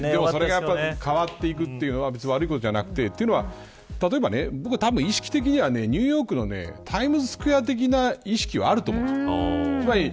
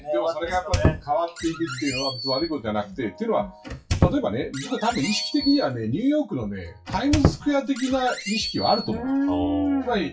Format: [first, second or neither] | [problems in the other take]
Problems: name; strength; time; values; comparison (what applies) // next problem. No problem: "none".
first | noise reduction (classical method WPE with log-MMSE)